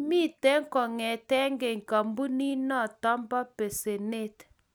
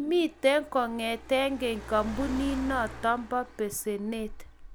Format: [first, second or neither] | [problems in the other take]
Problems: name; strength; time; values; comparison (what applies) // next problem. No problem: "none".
first | background sound (Car); 13 dB below the speech